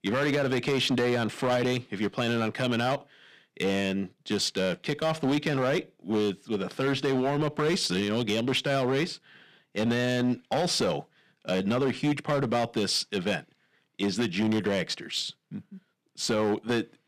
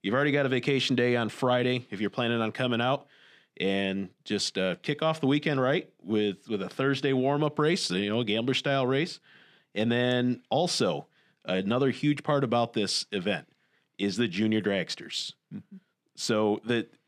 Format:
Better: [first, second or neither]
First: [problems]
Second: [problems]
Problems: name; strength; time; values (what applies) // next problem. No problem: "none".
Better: second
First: distortion; slight; 9% of the sound clipped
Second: none